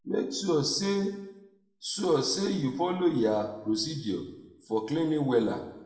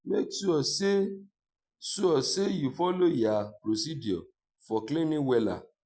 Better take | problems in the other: second | room echo; dies away in 0.8 s

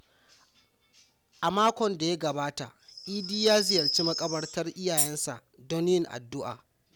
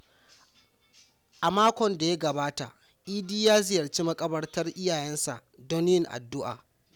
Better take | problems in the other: second | background sound (Tambourine + Chirp, tweet); 2 dB below the speech

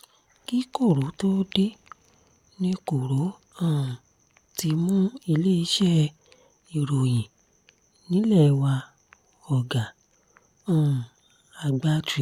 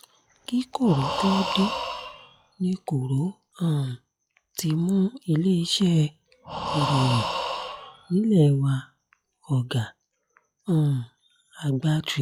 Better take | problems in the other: first | noise reduction (classical method log-MMSE)

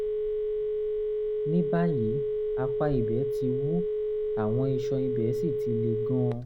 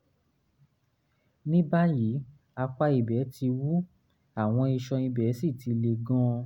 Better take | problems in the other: second | background sound (Telephone); 3 dB above the speech

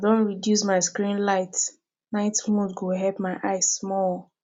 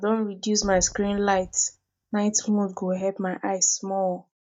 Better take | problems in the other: first | noise reduction (neural mask model DeepFilterNet 3)

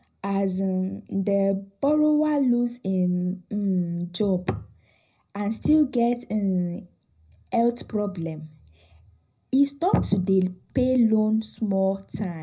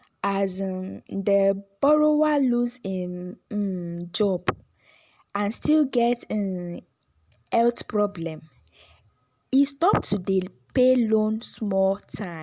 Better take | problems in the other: second | room echo; dies away in 0.4 s

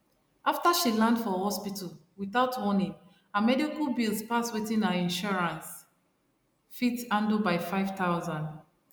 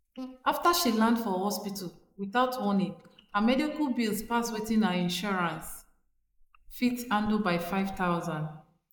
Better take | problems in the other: first | noise reduction (neural mask model Resemble Enhance denoiser)

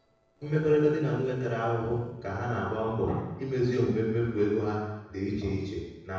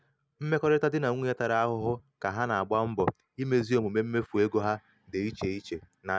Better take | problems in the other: second | noise reduction (neural separator model SepFormer DNS4)

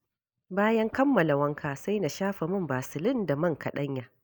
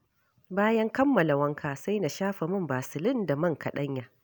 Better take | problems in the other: second | noise reduction (neural mask model DeepFilterNet 3)

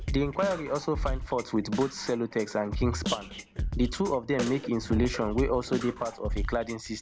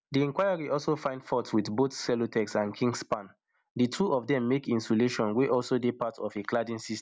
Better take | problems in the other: second | background sound (Drum kit); 5 dB below the speech

